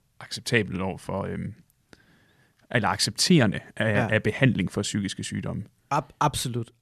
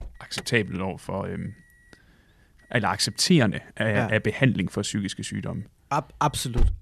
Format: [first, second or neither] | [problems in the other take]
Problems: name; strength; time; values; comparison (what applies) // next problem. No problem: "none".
first | alarm; noticeable; peak 3 dB below the speech